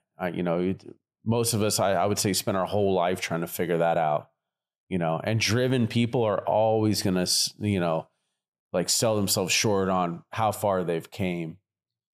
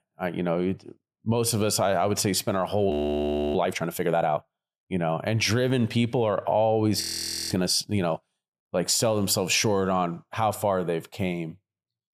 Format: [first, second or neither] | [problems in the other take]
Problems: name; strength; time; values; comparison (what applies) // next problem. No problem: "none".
first | audio freezing; at 3 s for 0.5 s and at 7 s for 0.5 s